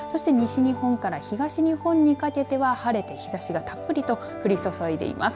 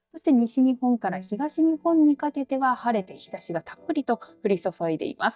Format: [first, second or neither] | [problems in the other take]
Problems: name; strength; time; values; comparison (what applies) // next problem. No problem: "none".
first | noise reduction (neural mask model DeepFilterNet 3)